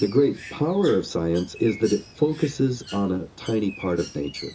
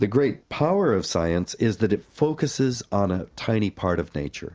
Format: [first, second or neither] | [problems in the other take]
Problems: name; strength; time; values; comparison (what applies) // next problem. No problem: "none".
second | background sound (Bird); 18 dB below the speech // room echo; dies away in 0.2 s